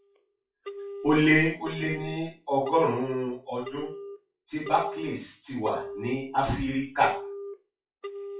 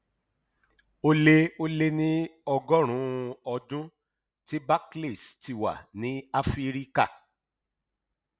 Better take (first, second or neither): second